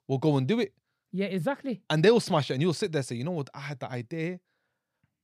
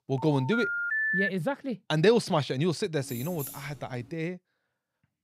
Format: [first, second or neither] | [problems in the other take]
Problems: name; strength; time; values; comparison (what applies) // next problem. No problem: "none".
first | phone ringing; loud; until 1.5 s; peak 3 dB above the speech // jangling keys; noticeable; from 3 to 4 s; peak 10 dB below the speech